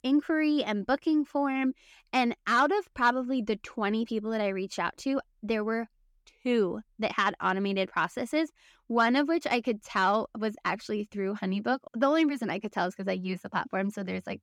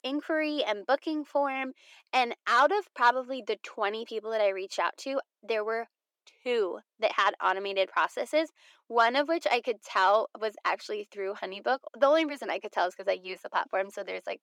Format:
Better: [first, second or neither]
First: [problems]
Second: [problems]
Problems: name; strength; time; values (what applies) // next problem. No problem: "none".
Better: first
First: none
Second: thin; somewhat; fading below 350 Hz